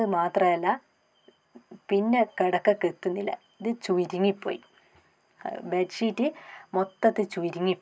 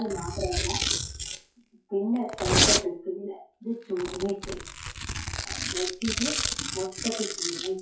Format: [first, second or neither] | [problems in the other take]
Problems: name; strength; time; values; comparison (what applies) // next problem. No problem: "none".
first | noise reduction (classical method WPE with log-MMSE)